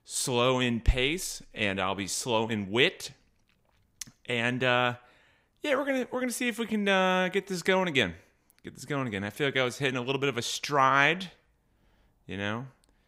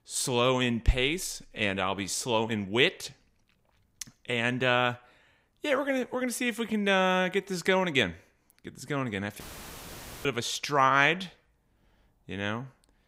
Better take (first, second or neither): first